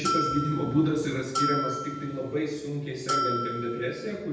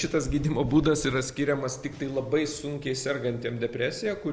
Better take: second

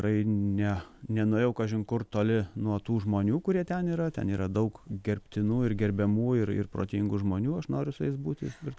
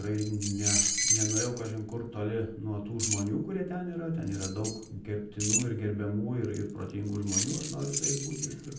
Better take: first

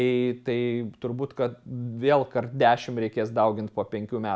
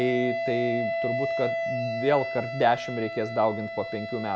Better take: first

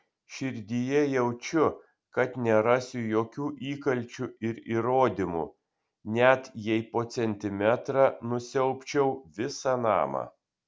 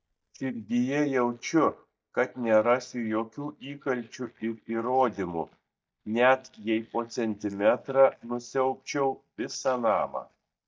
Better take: first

